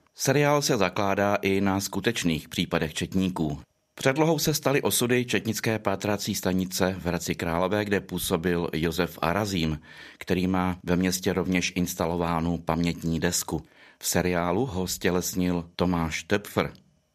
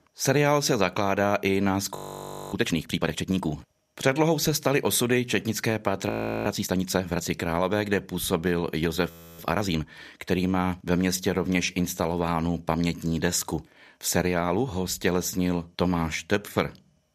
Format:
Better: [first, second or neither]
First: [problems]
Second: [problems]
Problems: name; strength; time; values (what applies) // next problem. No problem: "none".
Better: first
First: none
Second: audio freezing; at 2 s for 0.5 s, at 6 s and at 9 s